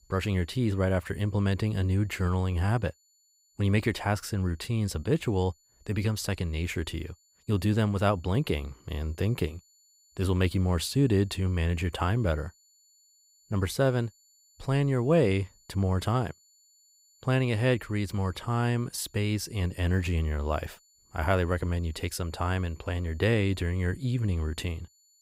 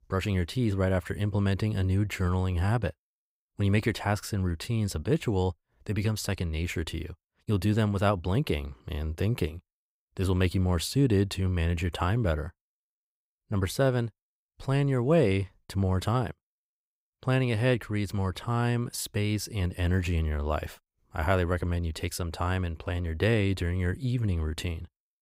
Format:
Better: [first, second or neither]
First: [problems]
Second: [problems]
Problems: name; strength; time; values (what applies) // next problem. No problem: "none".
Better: second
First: high-pitched whine; faint; throughout; 7 kHz, 30 dB below the speech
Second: none